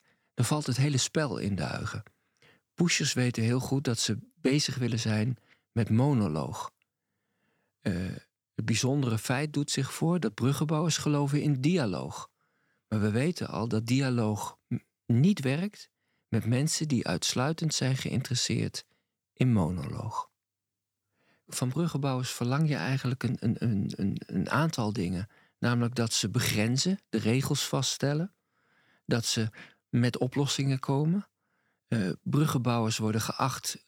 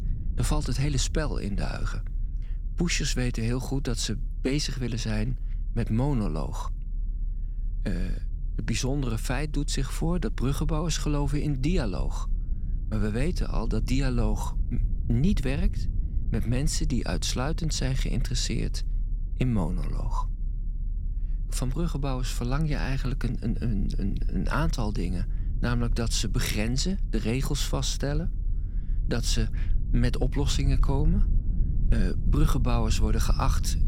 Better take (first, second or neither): first